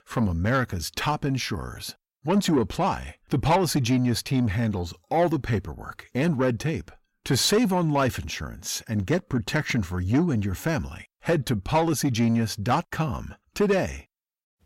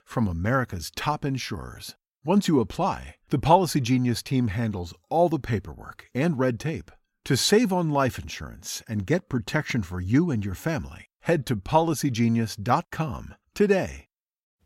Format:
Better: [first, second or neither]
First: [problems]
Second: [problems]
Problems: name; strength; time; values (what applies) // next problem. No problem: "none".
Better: second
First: distortion; slight; 10 dB below the speech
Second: none